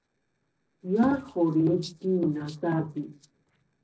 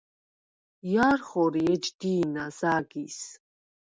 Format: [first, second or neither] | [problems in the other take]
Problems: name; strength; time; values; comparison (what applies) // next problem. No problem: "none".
second | noise reduction (neural separator model SepFormer DNS4)